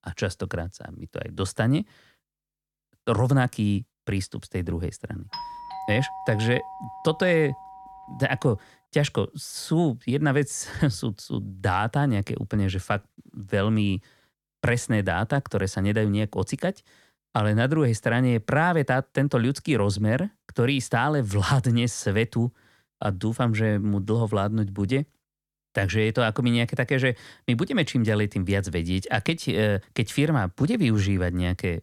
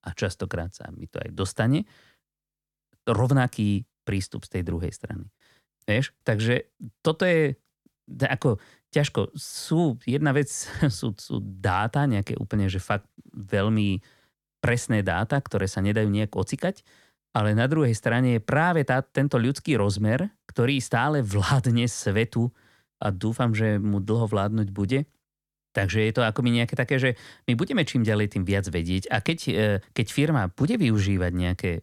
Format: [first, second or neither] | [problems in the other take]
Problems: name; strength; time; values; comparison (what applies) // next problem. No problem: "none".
second | doorbell; faint; from 5.5 to 8.5 s; peak 10 dB below the speech